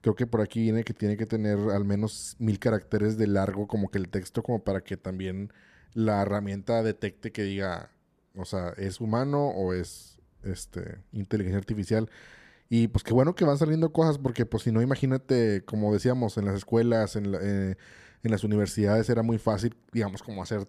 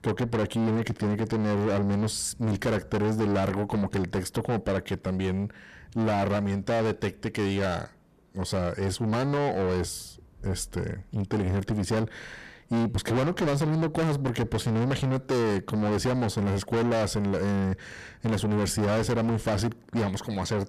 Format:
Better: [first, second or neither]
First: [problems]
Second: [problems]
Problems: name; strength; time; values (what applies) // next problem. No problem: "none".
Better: first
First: none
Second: distortion; heavy; 6 dB below the speech